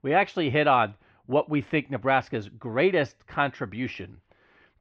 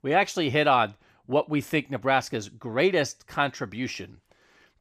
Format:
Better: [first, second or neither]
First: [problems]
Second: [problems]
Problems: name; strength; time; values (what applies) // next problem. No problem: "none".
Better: second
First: muffled; slightly; fading above 3 kHz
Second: none